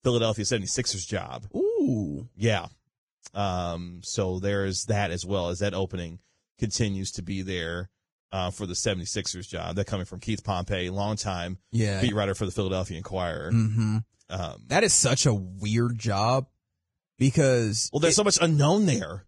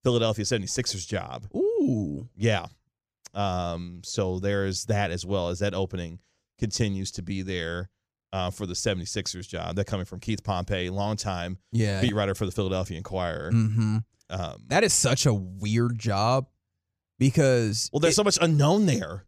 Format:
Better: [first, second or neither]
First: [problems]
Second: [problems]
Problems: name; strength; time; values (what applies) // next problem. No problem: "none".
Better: second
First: garbled, watery; badly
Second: none